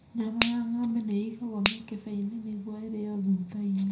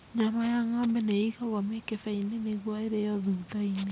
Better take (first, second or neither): second